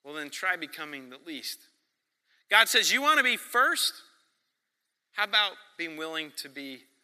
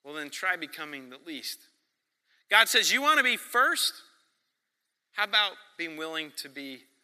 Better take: neither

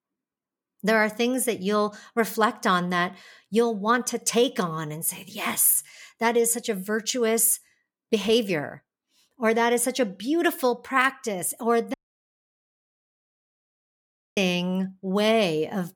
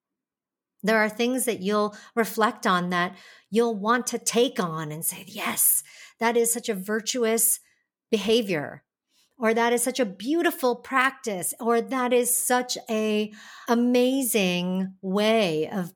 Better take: second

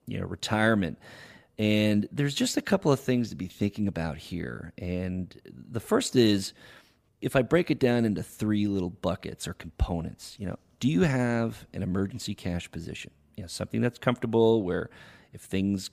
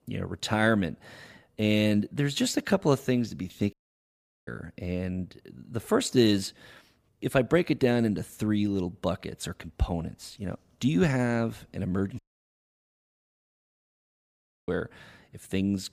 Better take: first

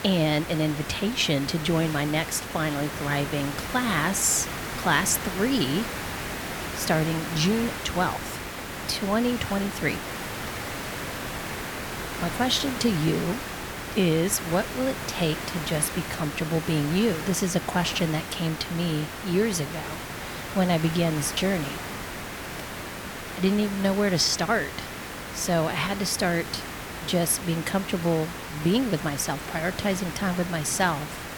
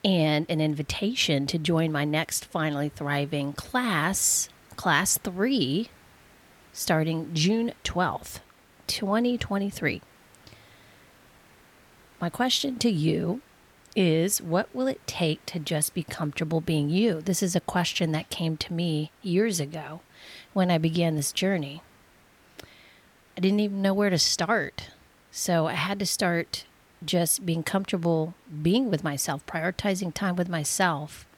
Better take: second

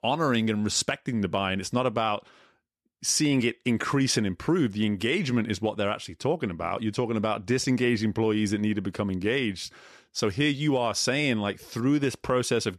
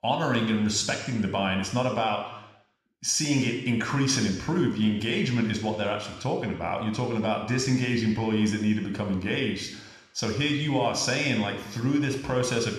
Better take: first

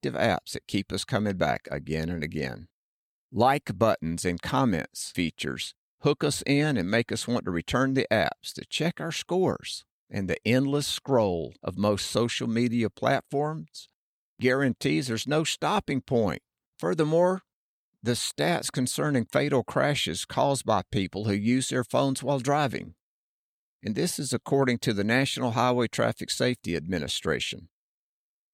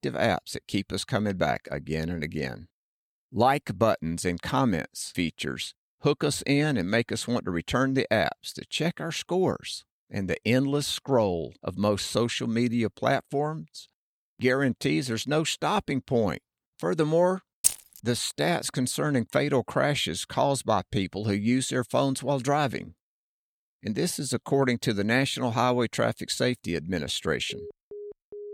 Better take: first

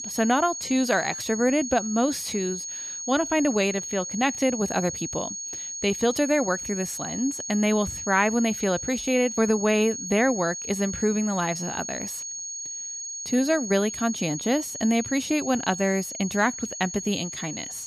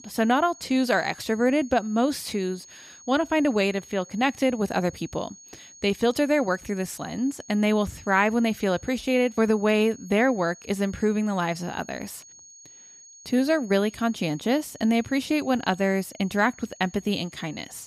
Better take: second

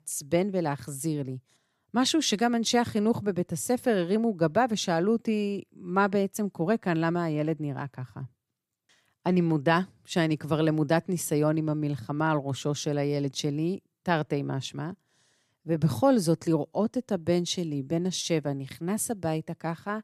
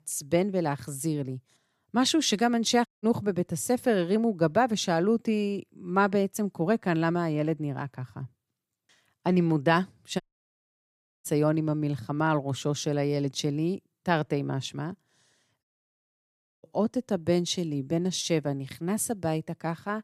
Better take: first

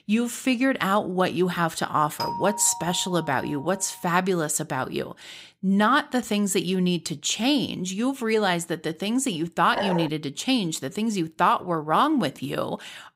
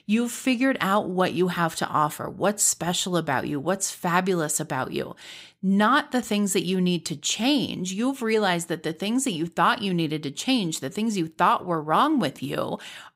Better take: second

